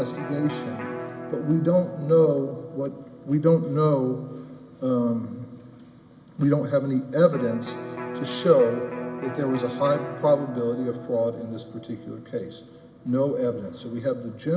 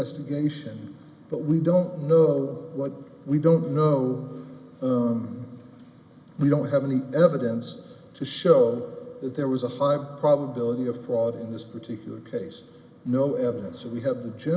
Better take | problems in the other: second | background sound (Electric guitar); 13 dB below the speech

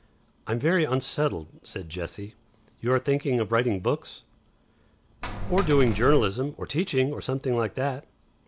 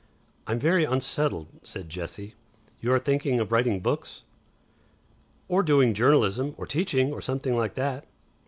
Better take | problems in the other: second | background sound (Coin (dropping)); as loud as the speech

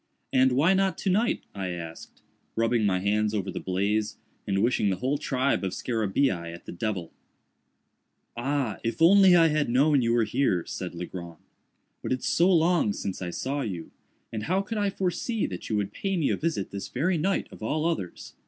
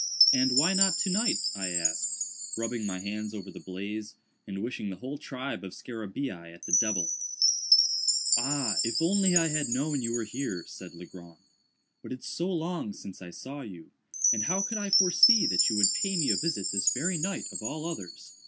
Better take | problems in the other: first | background sound (Chime); 3 dB above the speech

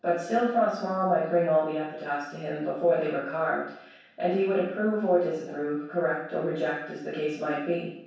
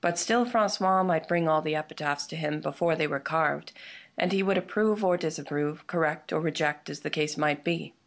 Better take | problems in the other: second | room echo; dies away in 0.7 s

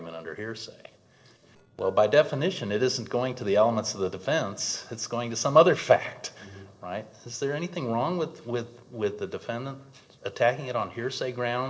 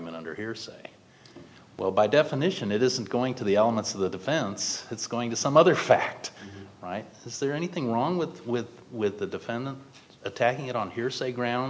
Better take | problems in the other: second | noise reduction (neural separator model SepFormer DNS4)

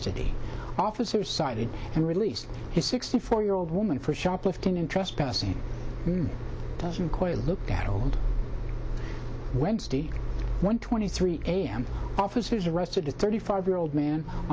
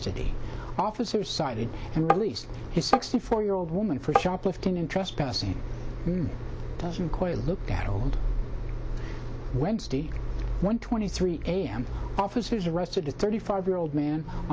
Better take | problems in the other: first | background sound (Tap); 2 dB above the speech

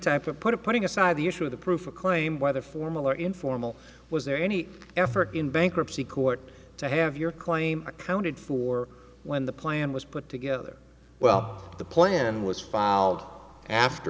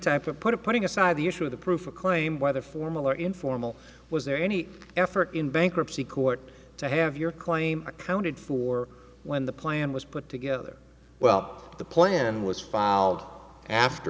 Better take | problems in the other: second | background sound (Tabla); 15 dB below the speech

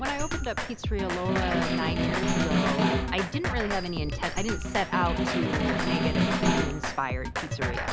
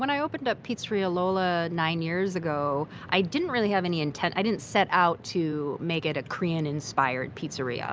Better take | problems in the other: second | background sound (Snare drum + Drum kit); 4 dB above the speech

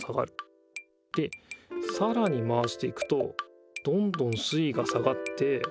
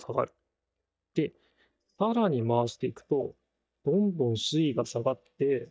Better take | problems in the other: first | noise reduction (neural mask model DeepFilterNet 3)

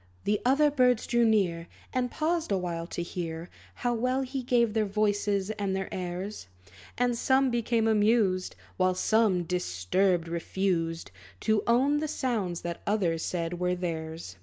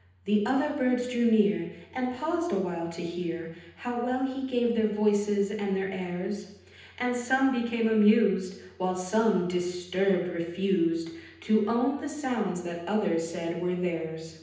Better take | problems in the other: first | room echo; dies away in 0.9 s

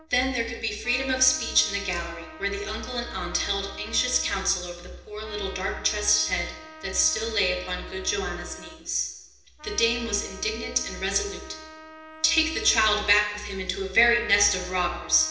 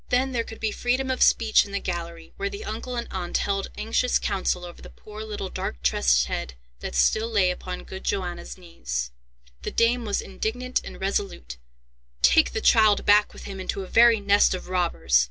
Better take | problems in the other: second | background sound (Trumpet); 18 dB below the speech // room echo; dies away in 0.9 s

